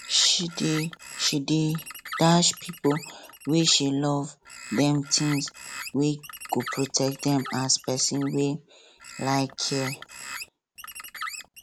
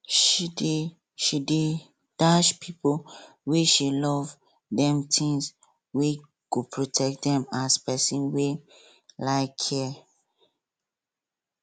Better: second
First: background sound (Bird); 14 dB below the speech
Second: none

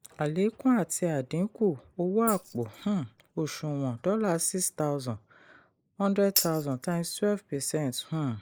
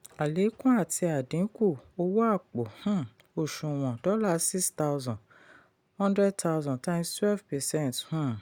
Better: second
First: noise reduction (neural mask model Resemble Enhance denoiser)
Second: none

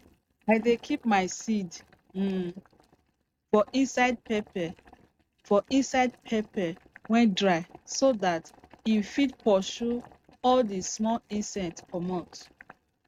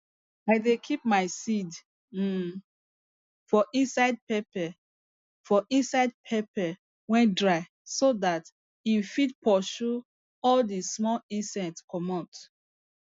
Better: second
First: noise reduction (neural mask model RNNoise)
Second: none

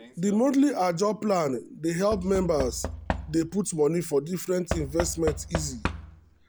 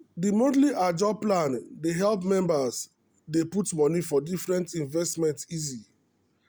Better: second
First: background sound (Knock / Wood); 9 dB below the speech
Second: none

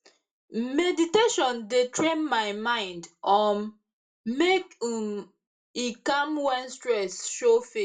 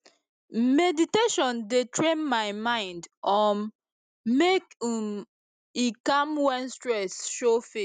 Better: second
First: room echo; dies away in 0.2 s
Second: none

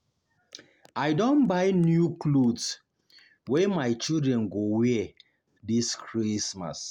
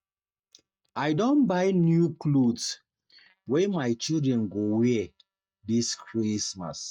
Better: first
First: none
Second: noise reduction (neural mask model DeepFilterNet 3)

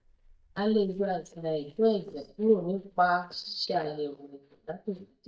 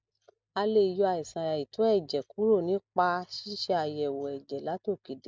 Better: second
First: noise reduction (neural mask model DeepFilterNet 3)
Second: none

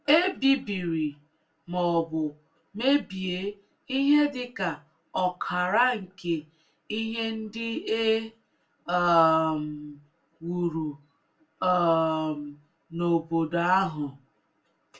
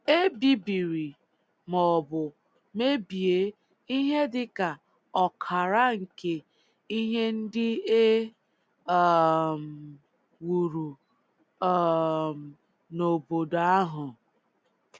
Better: second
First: room echo; dies away in 0.2 s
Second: none

